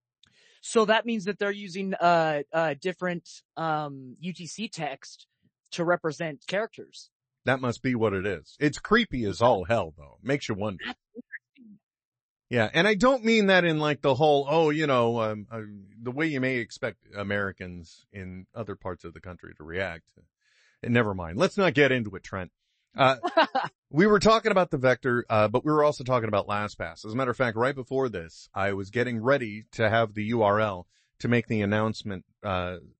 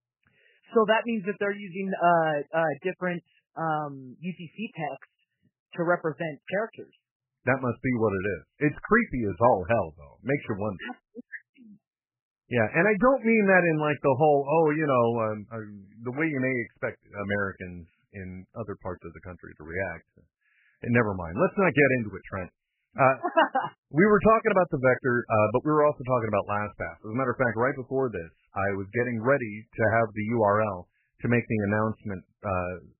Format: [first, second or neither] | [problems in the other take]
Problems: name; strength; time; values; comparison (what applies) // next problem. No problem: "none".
first | garbled, watery; badly; nothing above 3 kHz; slightly in the first